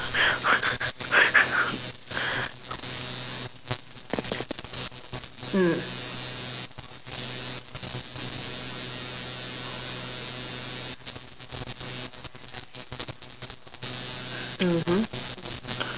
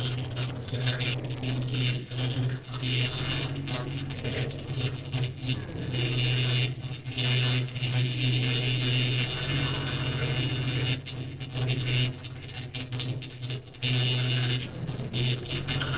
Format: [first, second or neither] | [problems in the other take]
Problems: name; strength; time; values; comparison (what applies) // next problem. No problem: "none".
first | noise reduction (neural separator model SepFormer DNS4)